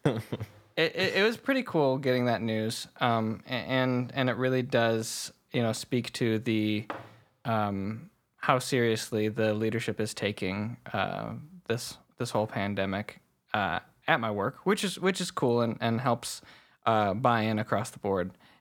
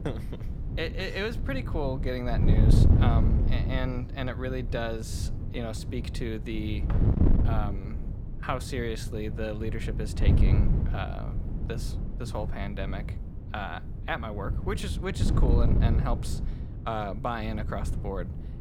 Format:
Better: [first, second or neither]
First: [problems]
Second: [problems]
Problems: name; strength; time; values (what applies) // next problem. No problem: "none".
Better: first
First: none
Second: wind noise on the microphone; heavy; 6 dB below the speech